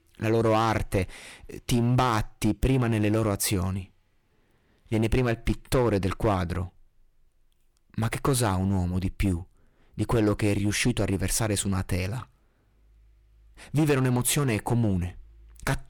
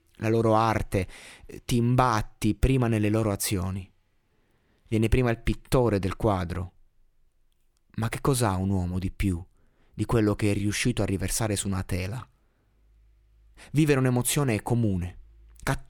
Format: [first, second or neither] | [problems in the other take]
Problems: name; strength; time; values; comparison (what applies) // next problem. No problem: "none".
second | distortion; slight; 5% of the sound clipped